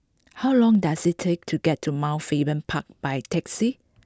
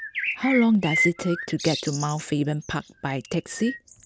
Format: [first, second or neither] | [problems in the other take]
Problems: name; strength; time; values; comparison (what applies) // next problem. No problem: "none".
first | background sound (Bird); 7 dB below the speech